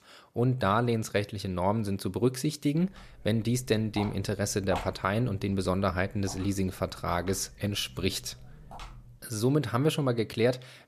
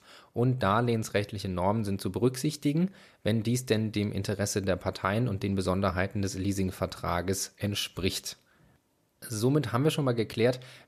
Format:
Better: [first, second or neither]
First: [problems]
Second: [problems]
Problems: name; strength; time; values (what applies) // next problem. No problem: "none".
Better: second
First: footsteps; noticeable; from 3 to 9 s; peak 8 dB below the speech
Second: none